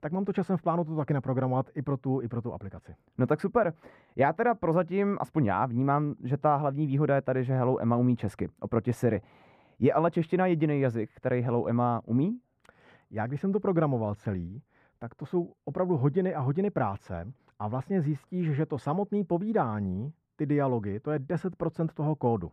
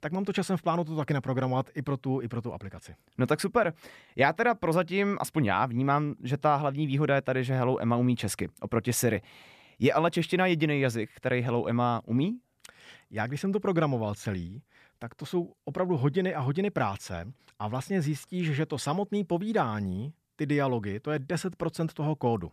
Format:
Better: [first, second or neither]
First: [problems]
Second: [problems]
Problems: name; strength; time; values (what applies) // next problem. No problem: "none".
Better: second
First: muffled; very; fading above 2 kHz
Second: none